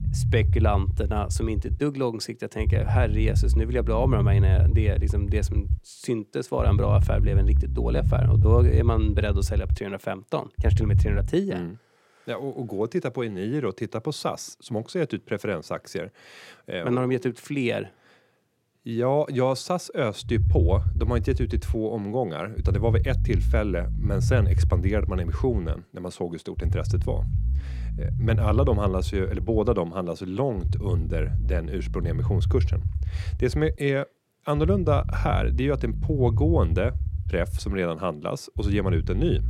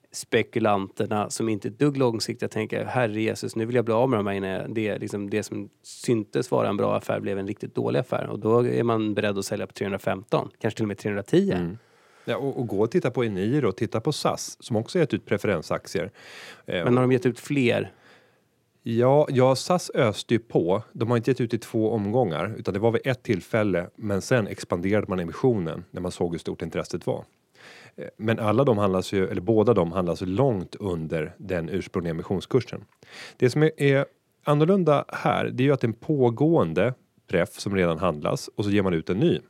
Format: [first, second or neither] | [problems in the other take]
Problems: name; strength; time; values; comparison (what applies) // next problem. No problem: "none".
second | low rumble; noticeable; until 11 s and from 20 s on; 10 dB below the speech